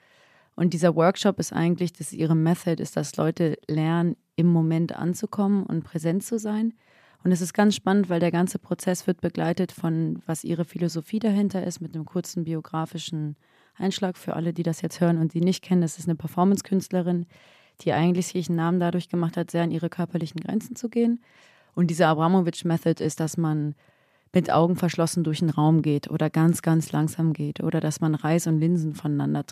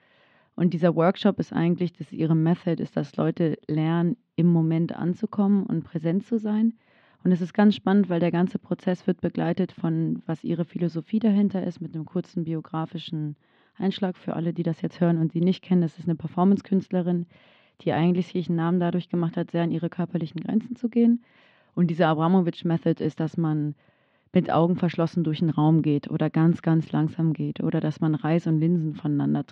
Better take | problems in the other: first | muffled; slightly; fading above 3.5 kHz

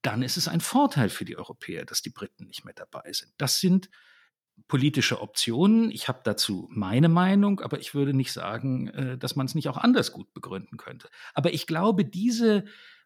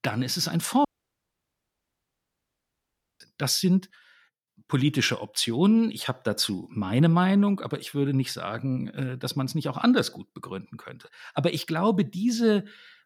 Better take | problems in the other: first | audio cutting out; at 1 s for 2.5 s

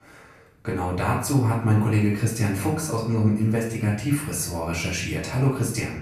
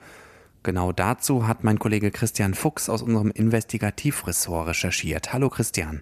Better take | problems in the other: second | off-mic speech; far // room echo; noticeable; dies away in 0.6 s

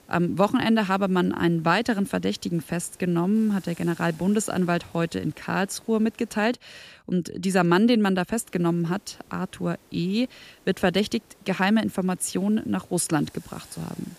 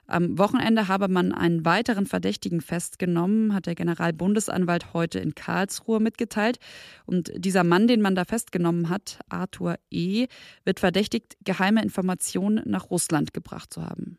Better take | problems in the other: second | hiss; faint; until 6.5 s and from 8.5 s on; 30 dB below the speech

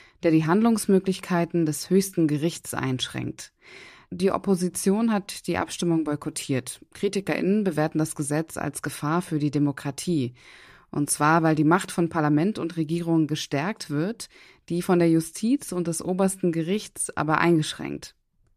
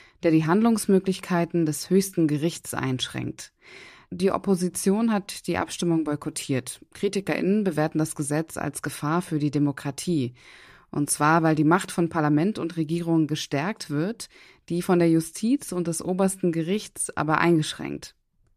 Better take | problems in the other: neither | none

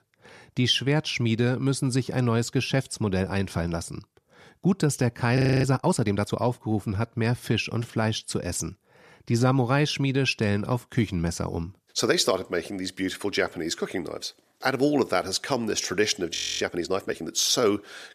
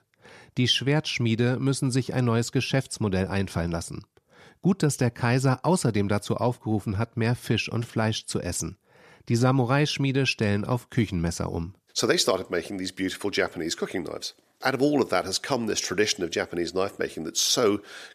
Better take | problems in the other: second | audio freezing; at 5.5 s and at 16 s

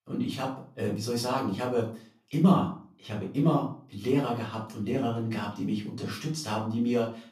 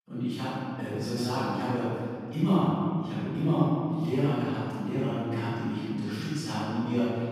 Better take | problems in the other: first | room echo; strong; dies away in 2.4 s; slight in the first // off-mic speech; far; far in the first

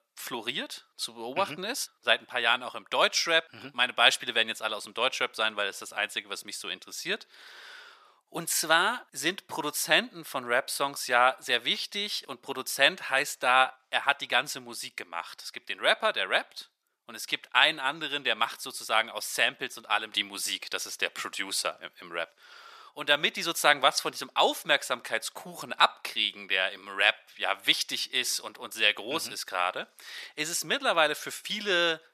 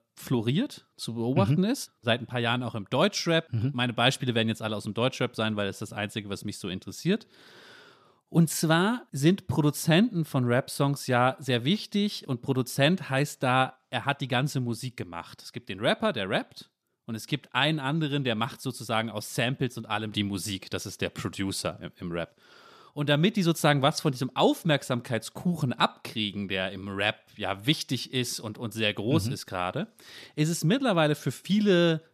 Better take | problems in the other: second | thin; very; fading below 750 Hz

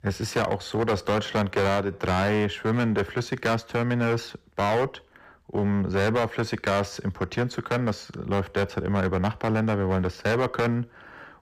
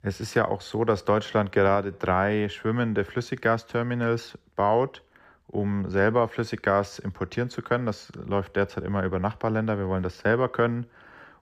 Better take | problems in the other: second | distortion; heavy; 13% of the sound clipped

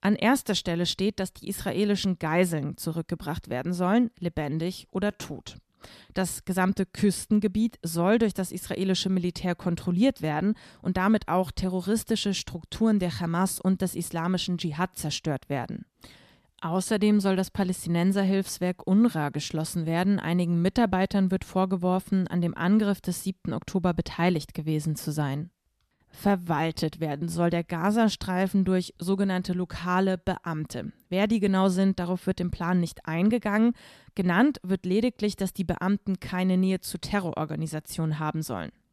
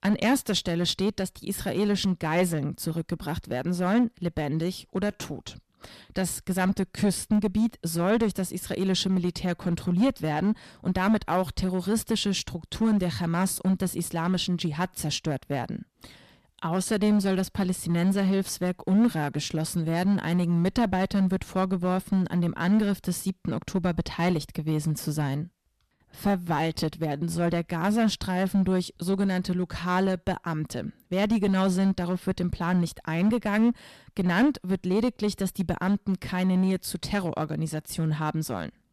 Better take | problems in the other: first | distortion; slight; 6% of the sound clipped

